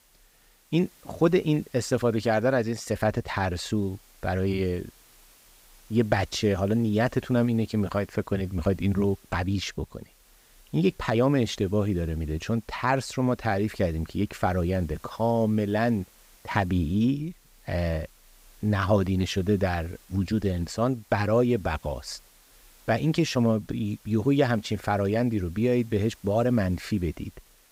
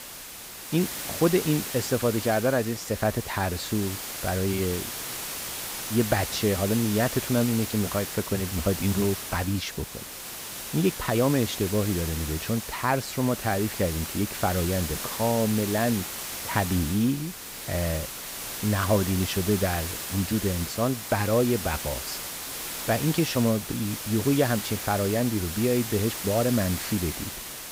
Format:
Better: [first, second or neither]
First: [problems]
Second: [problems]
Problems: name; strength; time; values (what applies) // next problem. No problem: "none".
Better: first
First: hiss; faint; throughout; 30 dB below the speech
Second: hiss; loud; throughout; 6 dB below the speech